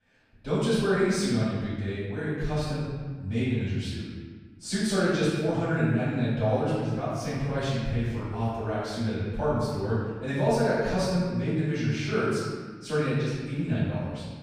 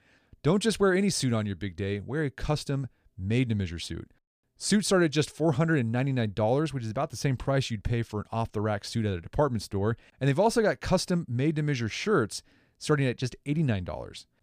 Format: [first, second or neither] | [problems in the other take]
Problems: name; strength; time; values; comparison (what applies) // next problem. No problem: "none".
second | off-mic speech; far // room echo; strong; dies away in 1.4 s